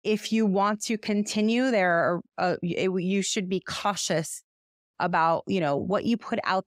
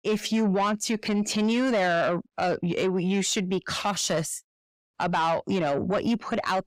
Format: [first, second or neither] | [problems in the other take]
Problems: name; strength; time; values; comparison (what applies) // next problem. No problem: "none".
first | distortion; slight; 10 dB below the speech